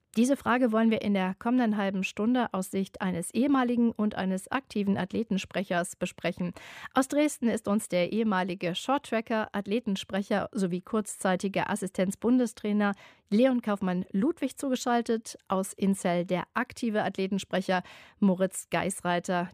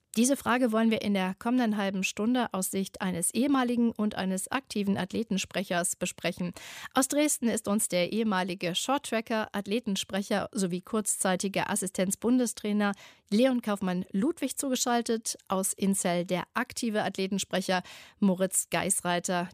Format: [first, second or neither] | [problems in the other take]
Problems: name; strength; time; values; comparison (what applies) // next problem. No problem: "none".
second | muffled; slightly; fading above 3.5 kHz